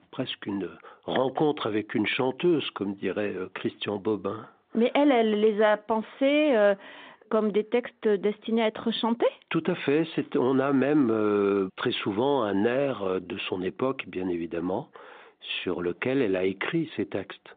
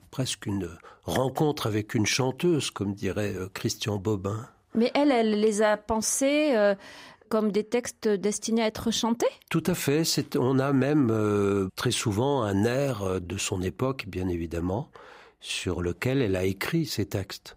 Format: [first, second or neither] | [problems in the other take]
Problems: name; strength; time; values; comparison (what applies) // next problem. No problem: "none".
second | phone-call audio; nothing above 3.5 kHz